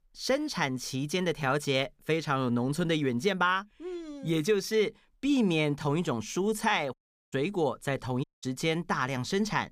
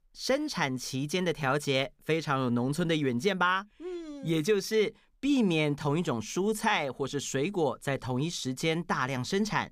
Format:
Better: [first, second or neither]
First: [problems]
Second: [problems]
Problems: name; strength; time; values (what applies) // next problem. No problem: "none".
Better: second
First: audio cutting out; at 7 s and at 8 s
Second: none